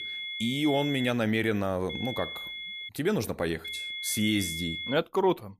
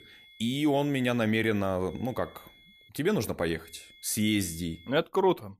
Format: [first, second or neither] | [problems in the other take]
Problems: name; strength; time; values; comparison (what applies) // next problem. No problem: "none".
second | high-pitched whine; loud; until 1 s, at 2 s and from 3.5 to 5 s; 3.5 kHz, 6 dB below the speech; faint in the second